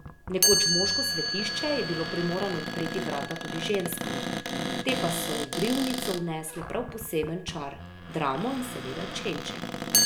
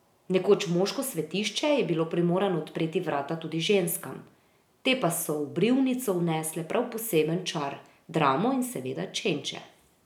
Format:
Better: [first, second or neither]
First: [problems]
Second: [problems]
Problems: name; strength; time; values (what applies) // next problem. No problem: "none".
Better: second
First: background sound (Cupboard open or close + Chime); 1 dB above the speech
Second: none